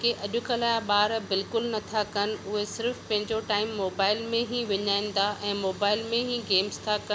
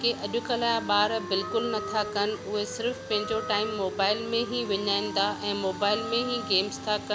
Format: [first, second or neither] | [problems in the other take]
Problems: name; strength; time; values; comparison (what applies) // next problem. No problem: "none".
first | background sound (Wind instrument, woodwind instrument + Wind instrument, woodwind instrument); 10 dB below the speech